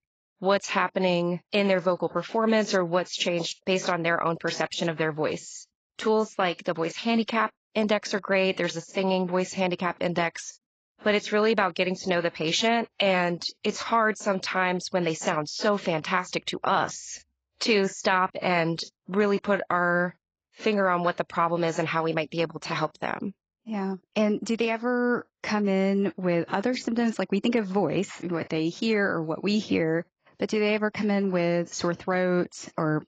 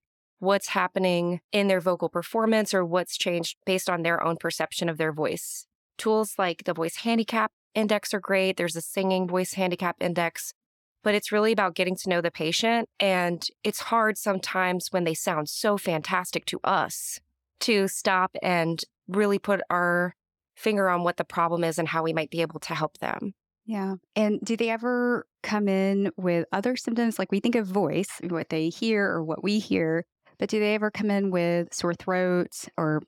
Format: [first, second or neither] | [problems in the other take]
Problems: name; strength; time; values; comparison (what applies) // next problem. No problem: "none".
second | garbled, watery; badly; nothing above 7.5 kHz